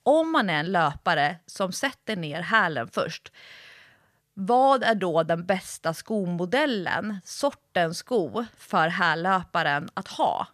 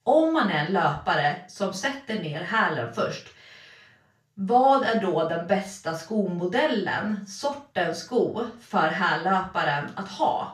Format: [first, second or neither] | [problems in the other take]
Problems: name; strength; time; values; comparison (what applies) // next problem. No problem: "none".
first | room echo; slight; dies away in 0.3 s // off-mic speech; far